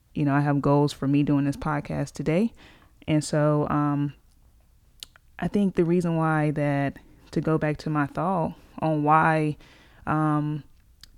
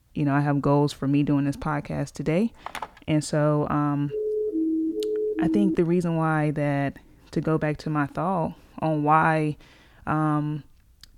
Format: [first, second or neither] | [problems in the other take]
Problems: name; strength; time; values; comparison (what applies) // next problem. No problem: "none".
first | phone ringing; faint; at 2.5 s; peak 10 dB below the speech // siren; noticeable; from 4 to 6 s; peak level with the speech